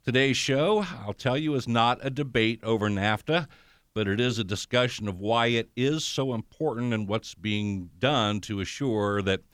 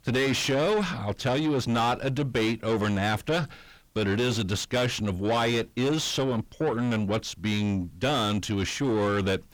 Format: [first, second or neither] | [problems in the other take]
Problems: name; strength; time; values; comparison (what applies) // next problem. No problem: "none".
first | distortion; heavy; 7 dB below the speech